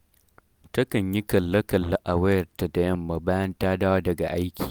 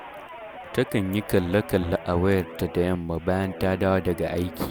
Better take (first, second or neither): first